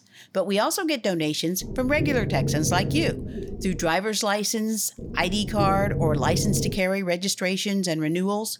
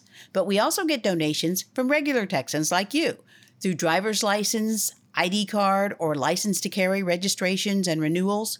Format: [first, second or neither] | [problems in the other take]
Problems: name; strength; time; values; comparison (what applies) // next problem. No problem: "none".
second | low rumble; loud; from 1.5 to 4 s and from 5 to 7 s; 10 dB below the speech